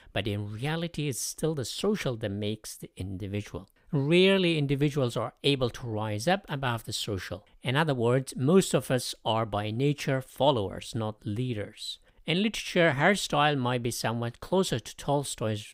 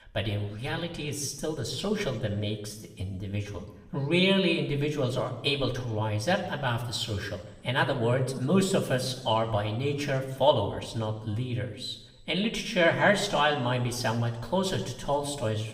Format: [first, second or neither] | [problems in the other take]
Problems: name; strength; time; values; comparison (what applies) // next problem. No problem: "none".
first | room echo; slight; dies away in 0.9 s // off-mic speech; somewhat distant